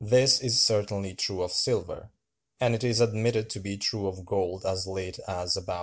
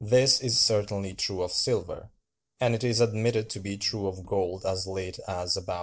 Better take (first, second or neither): first